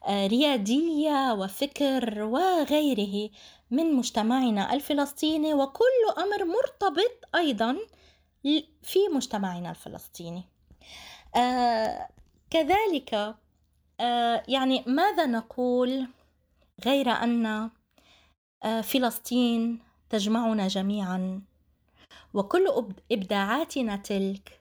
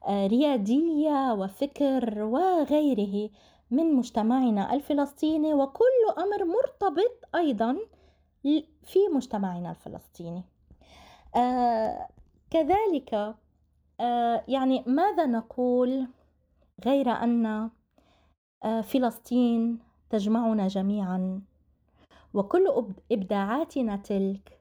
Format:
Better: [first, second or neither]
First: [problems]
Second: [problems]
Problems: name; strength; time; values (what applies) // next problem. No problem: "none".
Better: first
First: none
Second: muffled; slightly; fading above 1.5 kHz